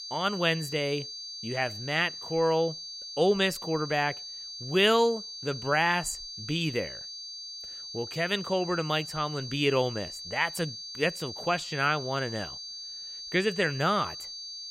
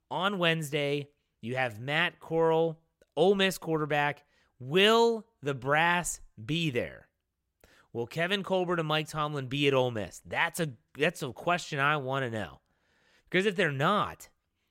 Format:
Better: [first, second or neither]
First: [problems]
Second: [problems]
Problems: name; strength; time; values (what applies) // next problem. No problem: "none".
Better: second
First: high-pitched whine; loud; throughout; 4.5 kHz, 9 dB below the speech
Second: none